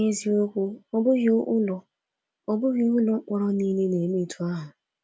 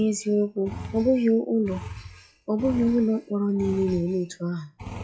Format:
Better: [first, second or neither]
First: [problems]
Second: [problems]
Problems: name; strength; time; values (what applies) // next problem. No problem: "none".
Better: first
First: none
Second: noise reduction (classical method log-MMSE)